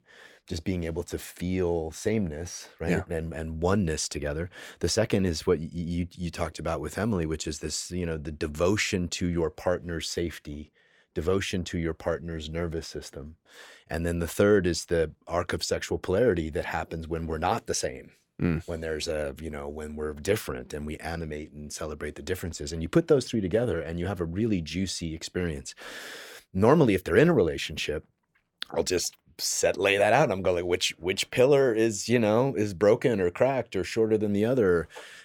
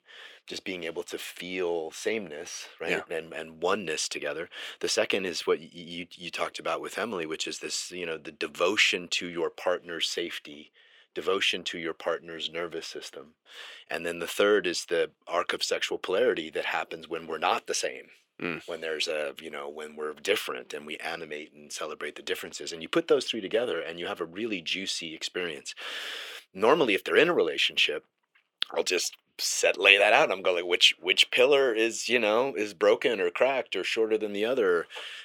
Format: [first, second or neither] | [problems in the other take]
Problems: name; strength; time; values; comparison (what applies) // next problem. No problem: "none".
first | thin; somewhat; fading below 400 Hz